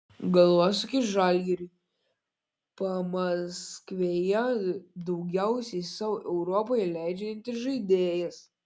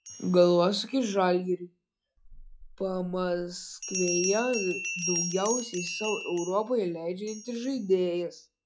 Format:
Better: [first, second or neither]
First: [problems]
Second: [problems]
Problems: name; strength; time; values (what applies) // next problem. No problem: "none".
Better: first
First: none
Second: noise reduction (classical method log-MMSE)